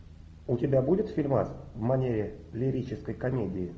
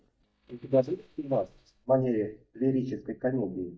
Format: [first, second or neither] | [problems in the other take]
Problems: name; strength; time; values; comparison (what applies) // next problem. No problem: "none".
first | noise reduction (neural mask model DeepFilterNet 3)